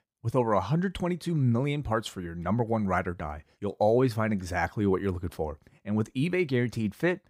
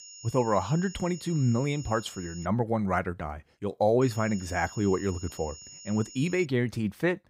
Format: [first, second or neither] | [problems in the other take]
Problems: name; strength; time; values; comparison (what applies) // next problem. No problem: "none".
first | high-pitched whine; noticeable; until 2.5 s and from 4 to 6.5 s; 7 kHz, 15 dB below the speech